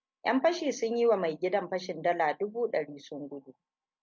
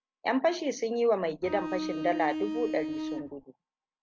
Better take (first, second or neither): first